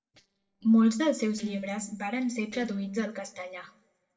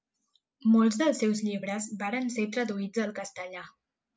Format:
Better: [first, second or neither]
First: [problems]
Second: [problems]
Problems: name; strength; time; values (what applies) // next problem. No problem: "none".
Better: second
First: noise reduction (neural separator model SepFormer DNS4)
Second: none